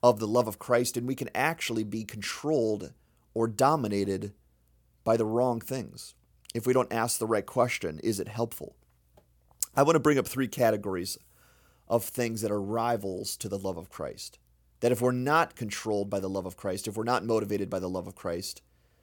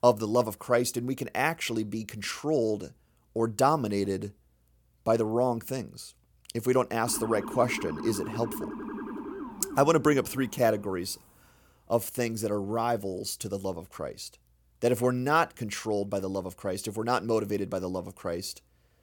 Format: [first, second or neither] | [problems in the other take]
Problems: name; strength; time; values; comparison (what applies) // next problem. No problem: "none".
first | siren; noticeable; from 7 to 11 s; peak 8 dB below the speech